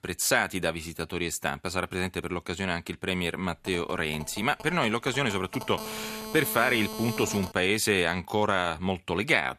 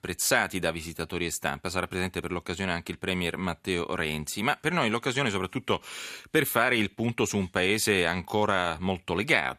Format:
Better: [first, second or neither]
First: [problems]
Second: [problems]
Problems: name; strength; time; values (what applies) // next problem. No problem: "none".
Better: second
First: phone ringing; noticeable; from 3.5 to 7.5 s; peak 7 dB below the speech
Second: none